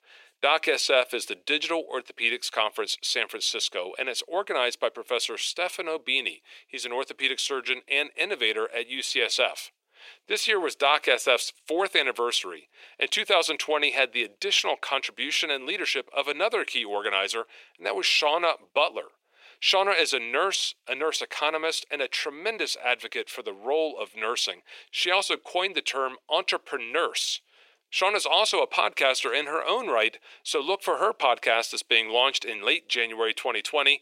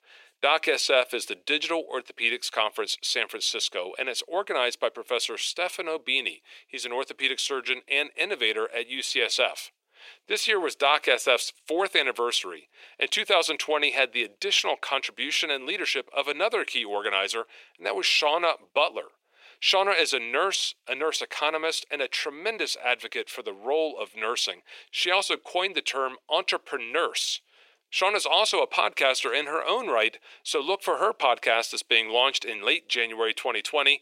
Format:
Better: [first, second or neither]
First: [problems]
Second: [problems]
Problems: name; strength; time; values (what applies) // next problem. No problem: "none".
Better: neither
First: thin; very; fading below 450 Hz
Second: thin; very; fading below 450 Hz